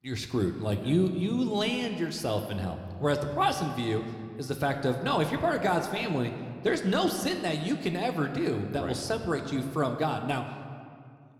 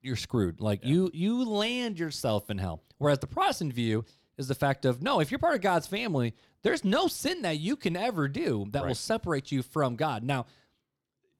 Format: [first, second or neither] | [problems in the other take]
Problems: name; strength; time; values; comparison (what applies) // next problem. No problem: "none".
second | room echo; slight; dies away in 1.6 s